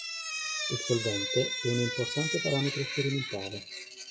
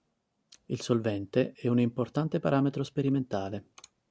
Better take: second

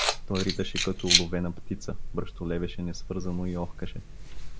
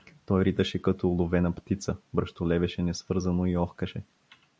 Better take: second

